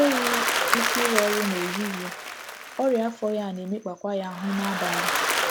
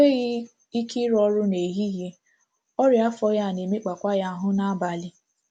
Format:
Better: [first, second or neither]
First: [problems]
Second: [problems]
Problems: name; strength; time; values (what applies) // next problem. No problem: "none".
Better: second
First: background sound (Applause); as loud as the speech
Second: none